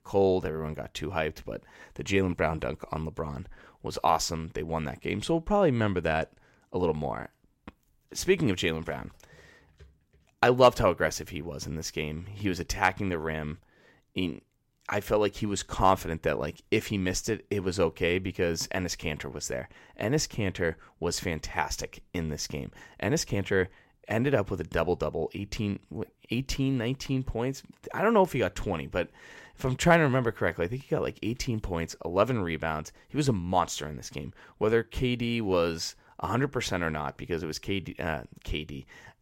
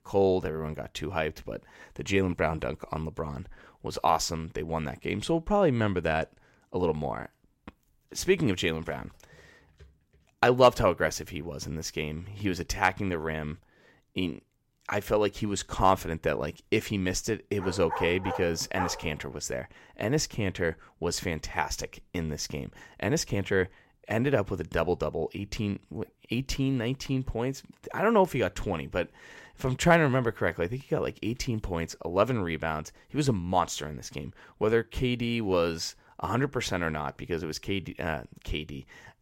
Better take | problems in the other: first | dog barking; noticeable; from 18 to 19 s; peak 5 dB below the speech

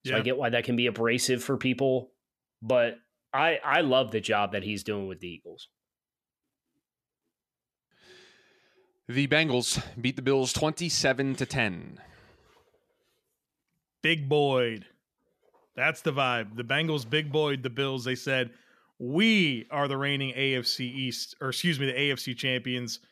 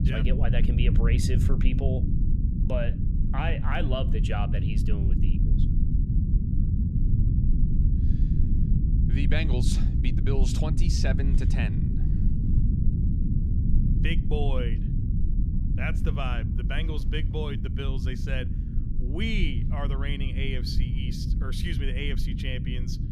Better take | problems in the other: first | low rumble; loud; throughout; 5 dB below the speech

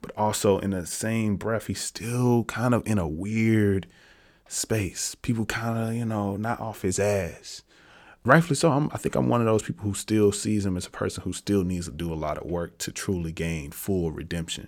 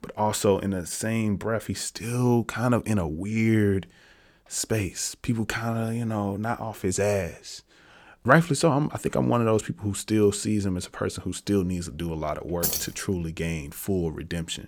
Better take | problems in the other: first | jangling keys; loud; at 13 s; peak level with the speech

